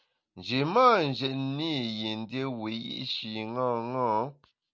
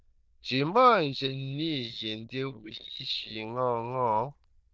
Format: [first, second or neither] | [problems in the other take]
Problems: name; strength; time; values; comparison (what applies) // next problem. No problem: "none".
first | noise reduction (neural diffusion model UNIVERSE++)